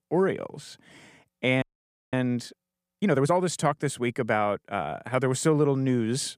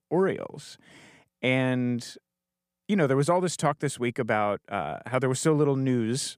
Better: second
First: audio freezing; at 1.5 s for 0.5 s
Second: none

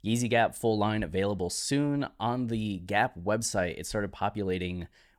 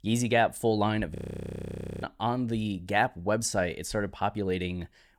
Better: first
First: none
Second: audio freezing; at 1 s for 1 s

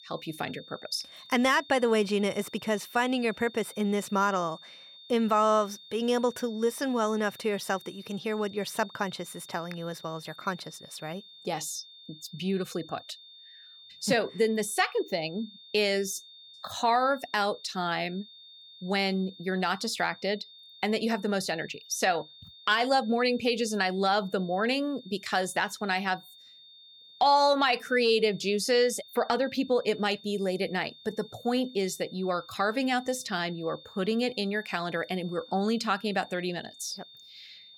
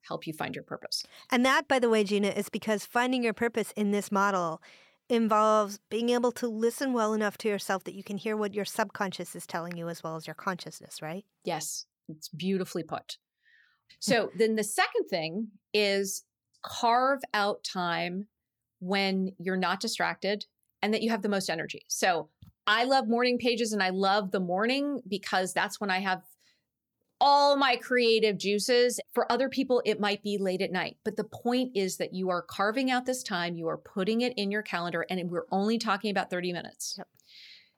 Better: second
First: high-pitched whine; noticeable; throughout; 3.5 kHz, 20 dB below the speech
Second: none

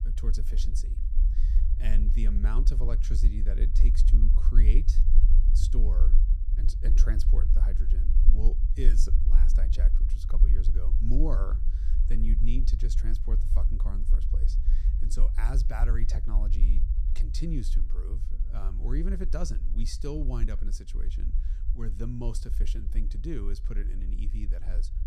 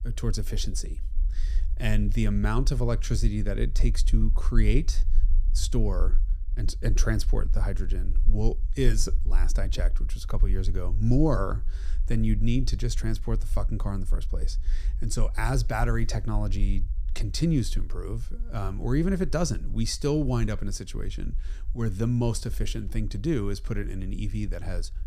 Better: second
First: low rumble; loud; throughout; 7 dB below the speech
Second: low rumble; faint; throughout; 20 dB below the speech

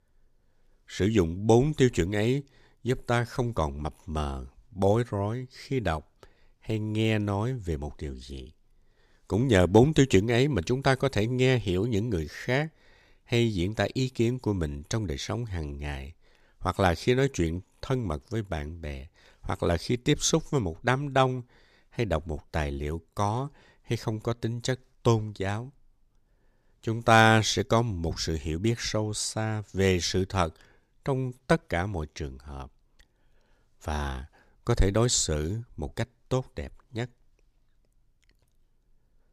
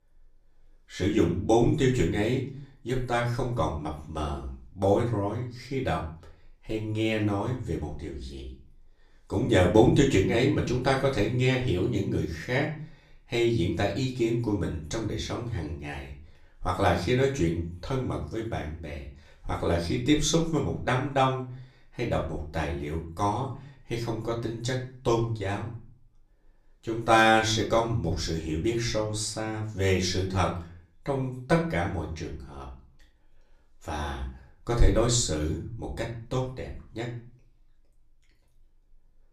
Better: first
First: none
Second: room echo; slight; dies away in 0.4 s // off-mic speech; far

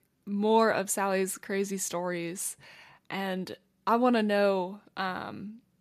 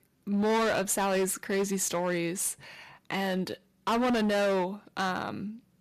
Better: first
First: none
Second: distortion; heavy; 15% of the sound clipped

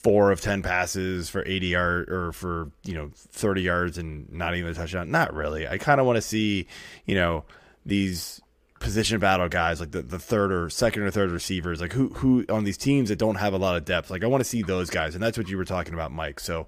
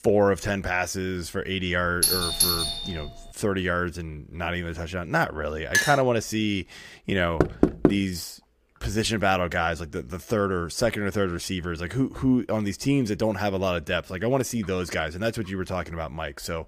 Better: first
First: none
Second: doorbell; loud; from 2 to 3 s; peak 6 dB above the speech // clattering dishes; loud; at 5.5 s; peak 3 dB above the speech // door banging; loud; at 7.5 s; peak 4 dB above the speech

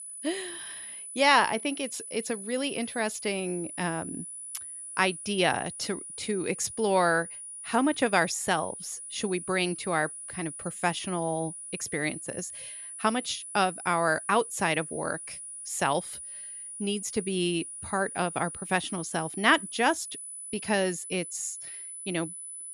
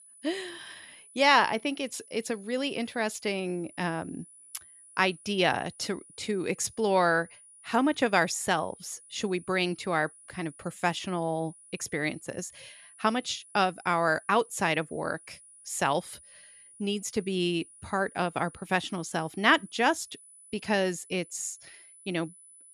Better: second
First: high-pitched whine; loud; throughout; 9.5 kHz, 9 dB below the speech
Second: high-pitched whine; faint; throughout; 9.5 kHz, 20 dB below the speech

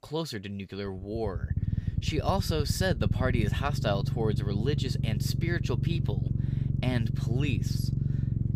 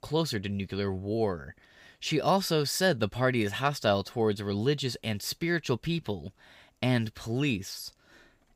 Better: second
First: low rumble; loud; throughout; 7 dB below the speech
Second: none

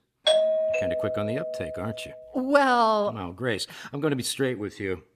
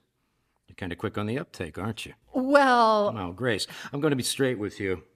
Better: second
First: doorbell; loud; until 2 s; peak 5 dB above the speech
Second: none

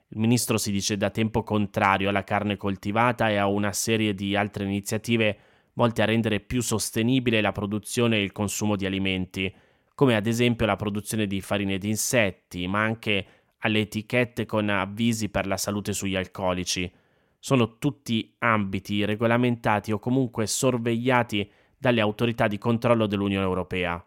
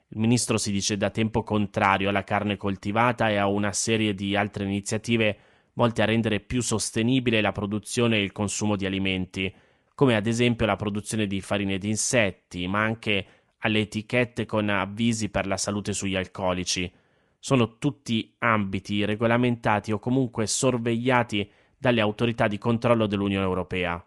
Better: first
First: none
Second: garbled, watery; slightly; nothing above 10.5 kHz

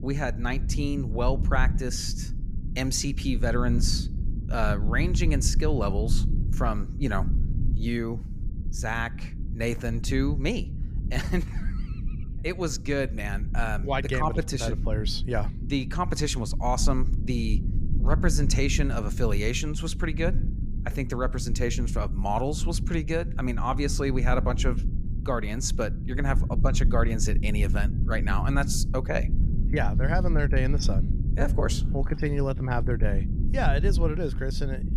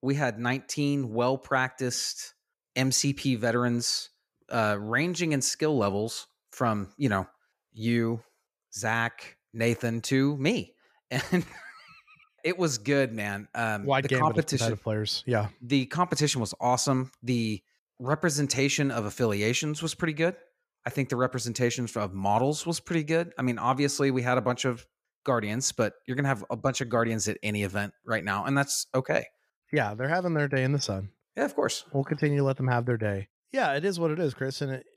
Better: second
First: low rumble; noticeable; throughout; 10 dB below the speech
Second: none

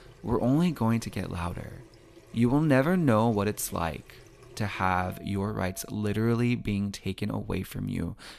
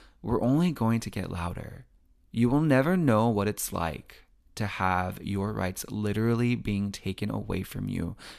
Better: second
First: household noises; faint; until 6.5 s; 25 dB below the speech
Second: none

